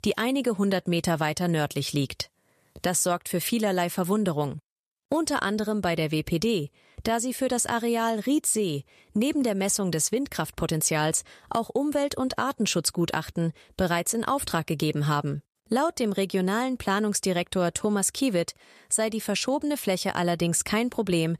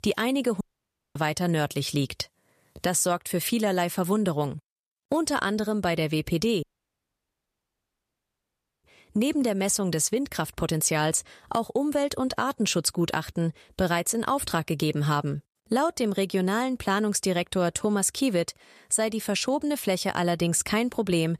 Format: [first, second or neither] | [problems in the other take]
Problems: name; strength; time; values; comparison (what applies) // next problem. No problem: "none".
first | audio cutting out; at 0.5 s for 0.5 s and at 6.5 s for 2 s